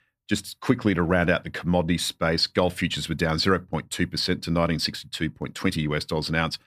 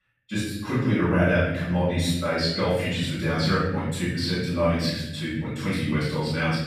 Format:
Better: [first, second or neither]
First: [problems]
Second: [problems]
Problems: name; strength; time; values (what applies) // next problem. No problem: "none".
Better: first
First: none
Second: off-mic speech; far // room echo; strong; dies away in 1 s